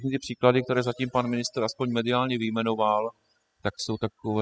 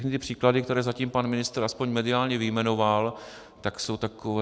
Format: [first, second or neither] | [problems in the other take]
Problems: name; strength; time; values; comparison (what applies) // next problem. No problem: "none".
second | noise reduction (classical method spectral subtraction)